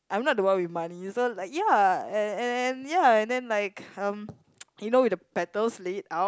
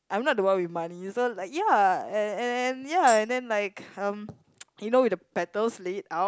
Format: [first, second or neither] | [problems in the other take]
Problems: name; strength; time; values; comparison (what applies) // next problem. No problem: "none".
first | background sound (Tambourine); 16 dB below the speech